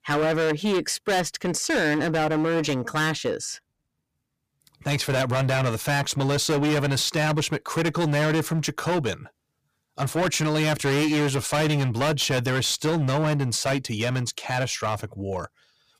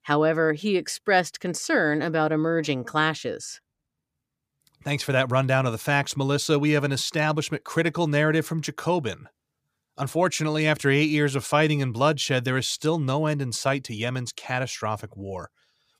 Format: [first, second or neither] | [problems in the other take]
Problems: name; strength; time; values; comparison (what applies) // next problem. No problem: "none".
second | distortion; heavy; 20% of the sound clipped